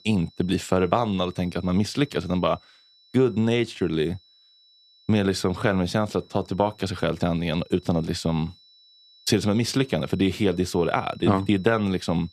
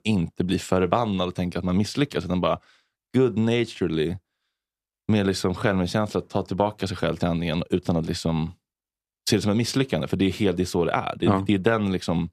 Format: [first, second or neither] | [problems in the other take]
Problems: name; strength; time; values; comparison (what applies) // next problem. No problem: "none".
second | high-pitched whine; faint; throughout; 4 kHz, 30 dB below the speech